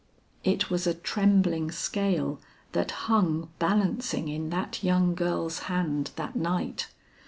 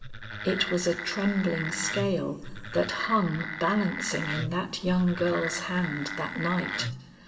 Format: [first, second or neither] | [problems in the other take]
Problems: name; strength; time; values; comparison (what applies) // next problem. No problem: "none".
first | background sound (Wood); 7 dB below the speech // room echo; dies away in 2.5 s